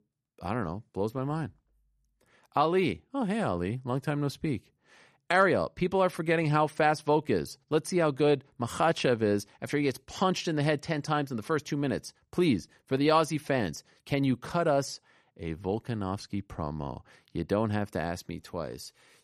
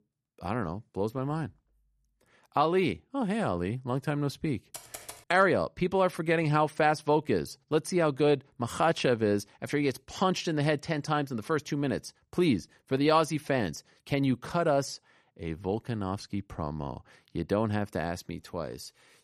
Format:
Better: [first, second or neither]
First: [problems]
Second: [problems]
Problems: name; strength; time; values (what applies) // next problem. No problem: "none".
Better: first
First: none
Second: keyboard typing; faint; at 4.5 s; peak 15 dB below the speech